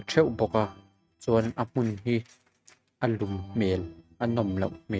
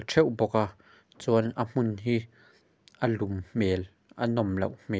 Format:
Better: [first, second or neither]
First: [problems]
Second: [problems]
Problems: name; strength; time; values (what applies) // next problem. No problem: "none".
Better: second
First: noise reduction (neural mask model RNNoise)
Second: none